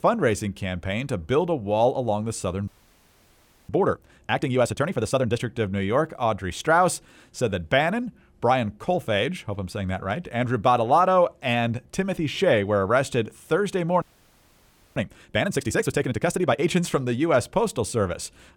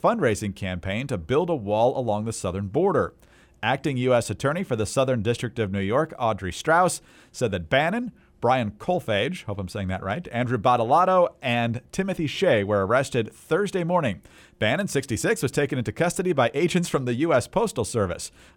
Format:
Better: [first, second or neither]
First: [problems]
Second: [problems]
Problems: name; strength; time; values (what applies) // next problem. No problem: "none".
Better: second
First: audio freezing; at 2.5 s for 1 s and at 14 s for 1 s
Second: none